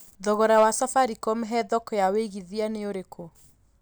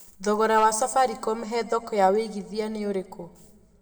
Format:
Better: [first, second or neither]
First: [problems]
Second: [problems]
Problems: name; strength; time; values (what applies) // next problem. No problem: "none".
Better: first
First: none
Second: room echo; dies away in 0.9 s